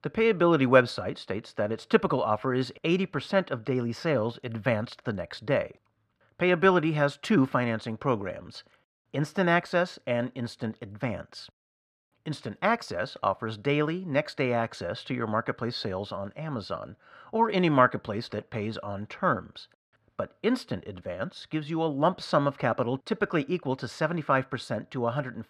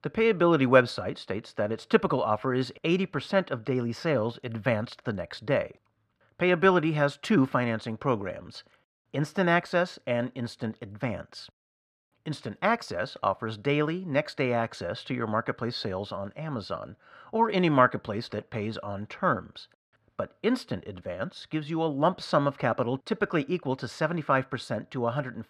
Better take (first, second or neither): neither